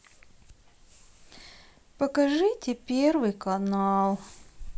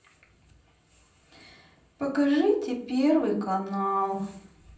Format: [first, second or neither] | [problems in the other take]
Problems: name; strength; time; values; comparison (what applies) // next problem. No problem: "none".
first | room echo; dies away in 0.6 s